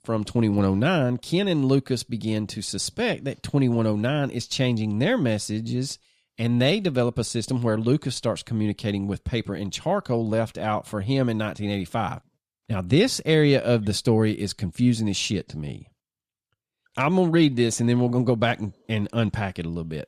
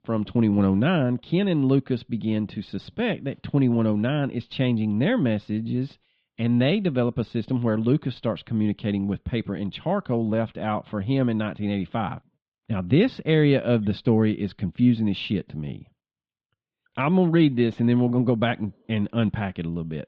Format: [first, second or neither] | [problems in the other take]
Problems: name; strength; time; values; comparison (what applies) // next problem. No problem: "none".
first | muffled; very; fading above 3.5 kHz